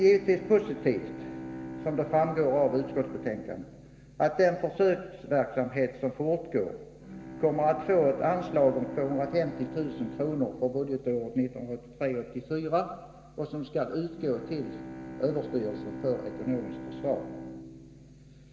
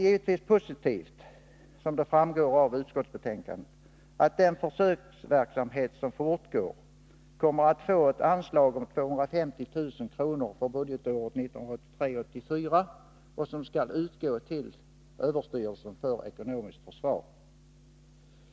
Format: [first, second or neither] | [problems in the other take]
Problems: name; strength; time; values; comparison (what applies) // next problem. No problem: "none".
second | background sound (Bowed string instrument); 13 dB below the speech // room echo; dies away in 2.4 s